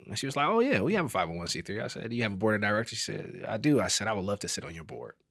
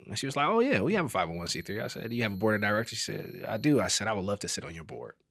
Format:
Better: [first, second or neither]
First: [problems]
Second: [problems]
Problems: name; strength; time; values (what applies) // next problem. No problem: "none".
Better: first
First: none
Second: high-pitched whine; faint; from 1.5 to 4 s; 4 kHz, 30 dB below the speech